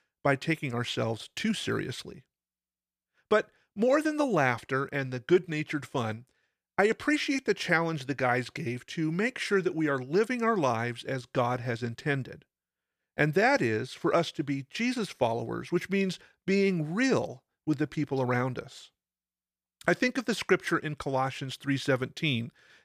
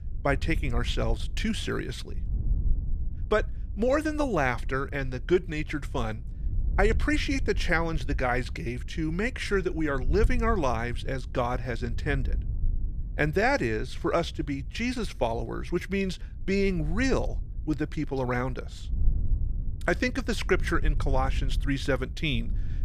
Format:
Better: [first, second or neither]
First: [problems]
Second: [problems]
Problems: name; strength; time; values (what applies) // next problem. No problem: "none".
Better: first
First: none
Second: wind noise on the microphone; occasional gusts; 25 dB below the speech